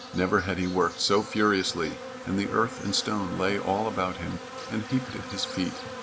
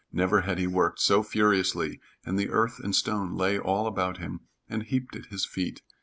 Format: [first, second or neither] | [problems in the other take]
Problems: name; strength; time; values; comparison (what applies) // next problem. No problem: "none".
second | background sound (Insect); 11 dB below the speech